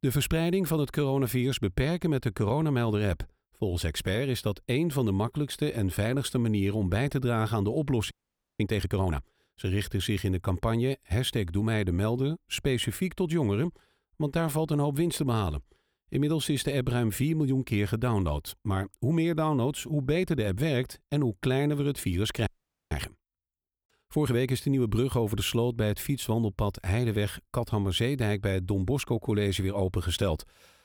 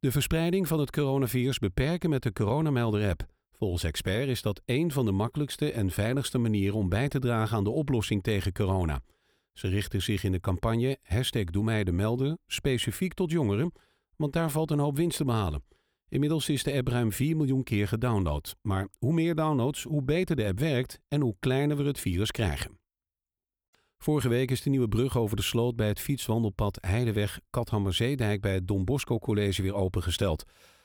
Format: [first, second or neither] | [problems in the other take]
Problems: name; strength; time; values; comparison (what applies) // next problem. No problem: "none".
second | audio freezing; at 8 s and at 22 s